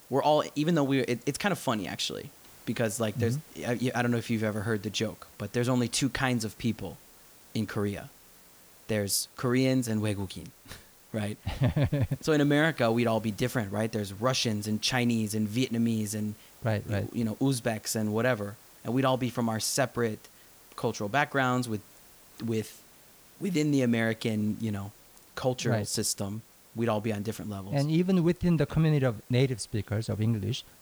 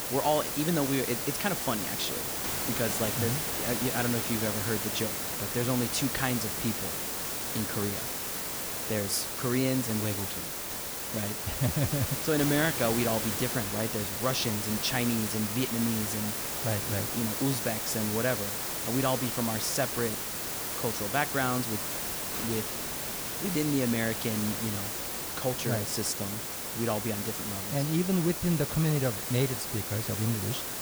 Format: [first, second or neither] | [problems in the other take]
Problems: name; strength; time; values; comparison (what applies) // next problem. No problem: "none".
first | hiss; loud; throughout; as loud as the speech; faint in the first